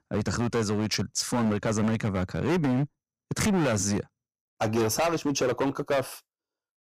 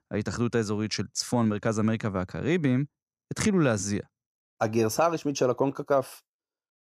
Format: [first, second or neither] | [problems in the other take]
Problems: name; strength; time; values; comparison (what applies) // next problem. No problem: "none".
second | distortion; heavy; 14% of the sound clipped